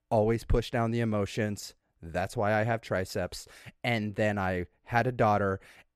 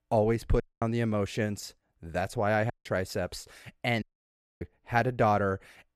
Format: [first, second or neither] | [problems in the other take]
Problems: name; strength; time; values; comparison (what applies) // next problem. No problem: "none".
first | audio cutting out; at 0.5 s, at 2.5 s and at 4 s for 0.5 s